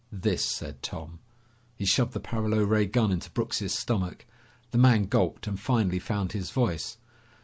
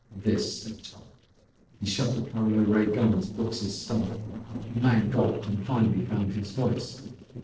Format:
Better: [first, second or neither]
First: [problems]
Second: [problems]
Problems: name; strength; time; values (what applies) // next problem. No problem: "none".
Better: first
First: none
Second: noise reduction (neural separator model SepFormer DNS4)